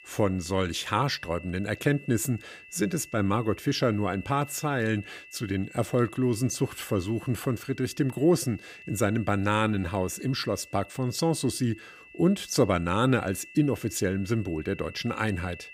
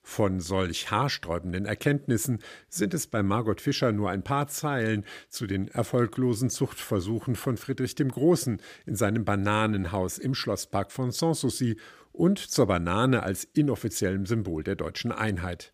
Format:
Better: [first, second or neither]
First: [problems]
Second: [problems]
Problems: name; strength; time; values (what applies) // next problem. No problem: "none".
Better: second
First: high-pitched whine; noticeable; throughout; 2.5 kHz, 20 dB below the speech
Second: none